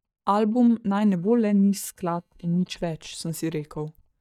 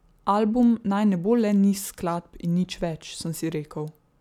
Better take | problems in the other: second | noise reduction (neural mask model DeepFilterNet 3)

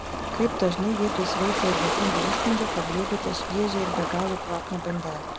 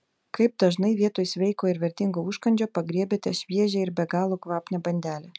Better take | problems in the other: second | background sound (Ocean); as loud as the speech

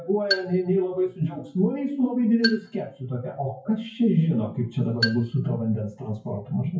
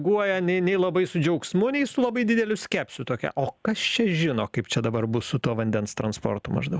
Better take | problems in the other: second | noise reduction (classical method WPE with log-MMSE)

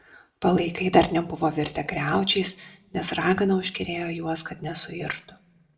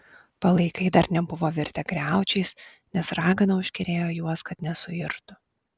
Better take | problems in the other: second | room echo; dies away in 0.4 s

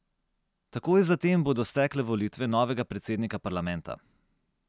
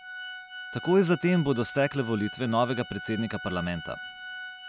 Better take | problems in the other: first | background sound (Organ); 12 dB below the speech

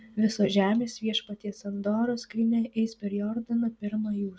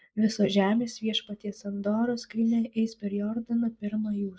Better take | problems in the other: first | noise reduction (neural mask model Resemble Enhance denoiser)

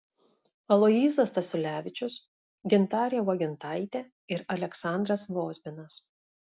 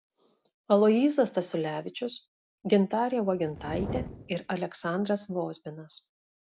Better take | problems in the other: first | background sound (Fire); 11 dB below the speech

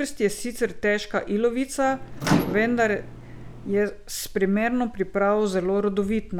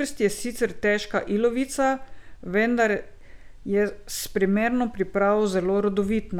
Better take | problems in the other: second | background sound (Microwave oven); 7 dB below the speech

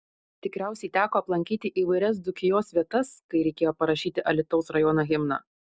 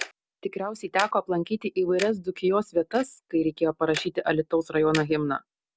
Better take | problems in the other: first | background sound (Tick-tock); 15 dB below the speech

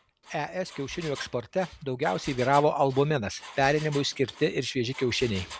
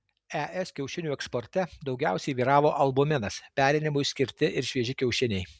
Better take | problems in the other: second | background sound (Engine); 18 dB below the speech

